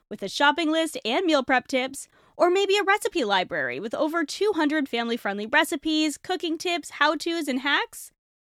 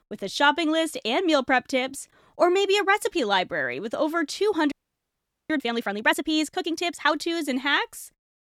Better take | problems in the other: first | audio freezing; at 4.5 s for 1 s

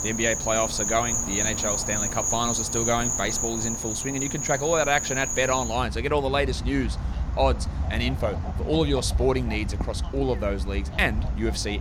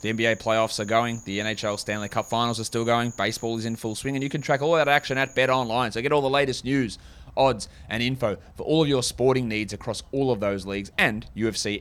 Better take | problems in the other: second | animal sounds; loud; throughout; 1 dB below the speech; faint in the second

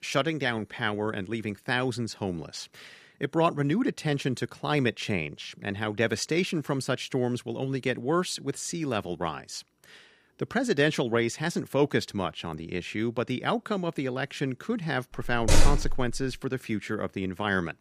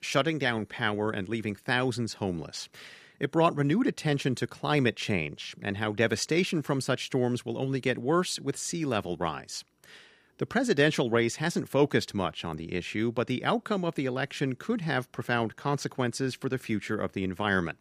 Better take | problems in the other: second | door banging; loud; at 15 s; peak 5 dB above the speech

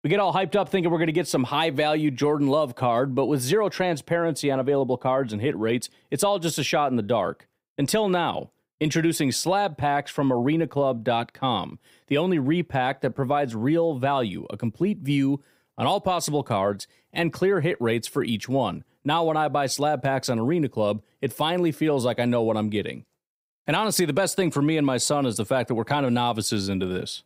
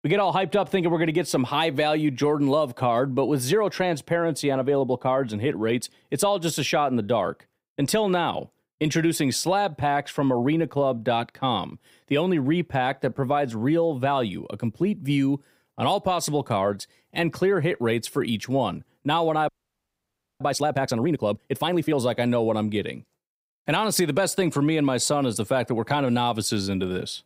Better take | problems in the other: first | audio freezing; at 19 s for 1 s

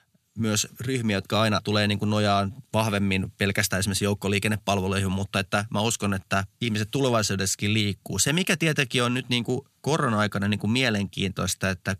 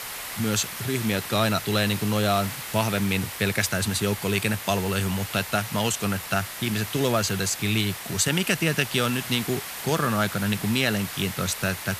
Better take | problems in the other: first | hiss; loud; throughout; 8 dB below the speech

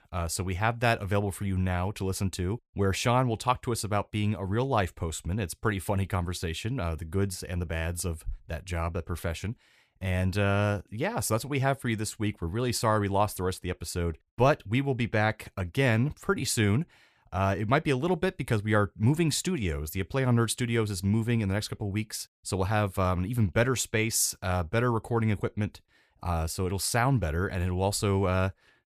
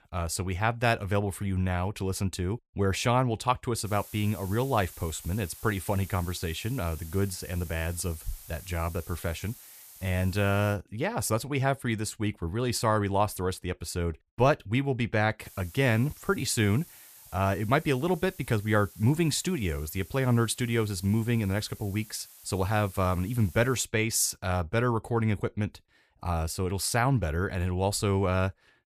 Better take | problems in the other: first | hiss; noticeable; from 4 to 11 s and from 15 to 24 s; 20 dB below the speech

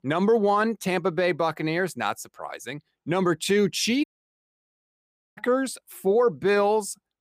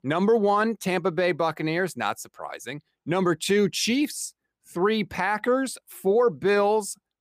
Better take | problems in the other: second | audio cutting out; at 4 s for 1.5 s

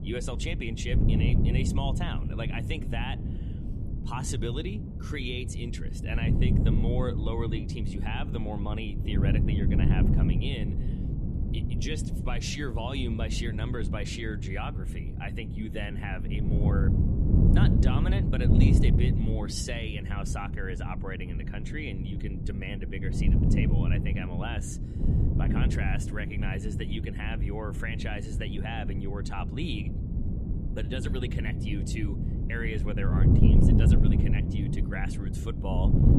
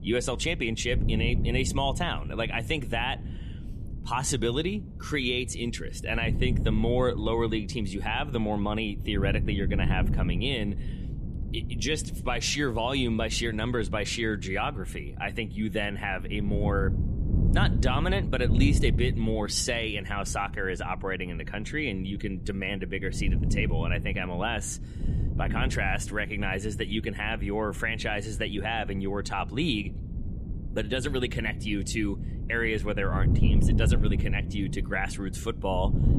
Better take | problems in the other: second | wind noise on the microphone; heavy; 2 dB below the speech; occasional gusts in the second

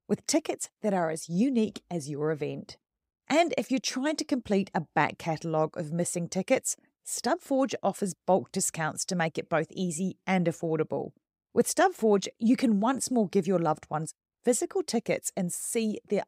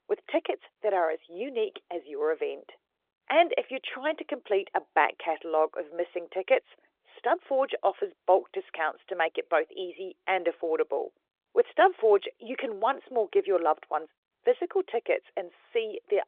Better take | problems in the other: first | phone-call audio; nothing above 3.5 kHz

